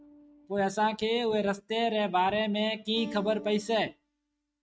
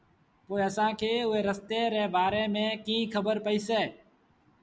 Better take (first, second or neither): second